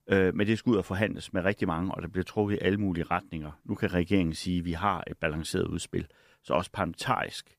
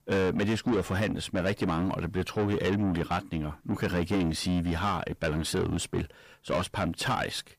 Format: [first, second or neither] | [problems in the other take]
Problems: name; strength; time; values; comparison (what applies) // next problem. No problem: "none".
first | distortion; heavy; 6 dB below the speech